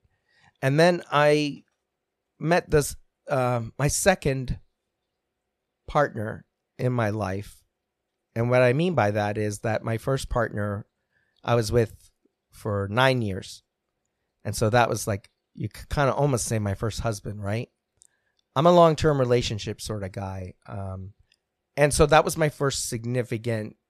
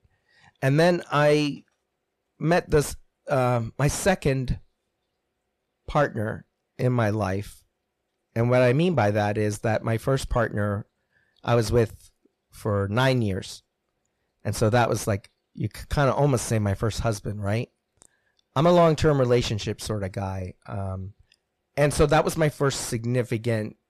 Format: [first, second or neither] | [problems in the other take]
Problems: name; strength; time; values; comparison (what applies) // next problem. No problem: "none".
first | distortion; slight; 10 dB below the speech